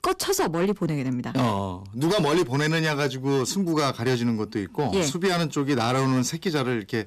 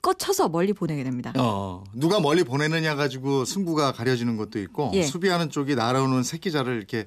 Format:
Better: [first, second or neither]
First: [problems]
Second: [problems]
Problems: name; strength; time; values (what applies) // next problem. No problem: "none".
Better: second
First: distortion; slight; 9% of the sound clipped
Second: none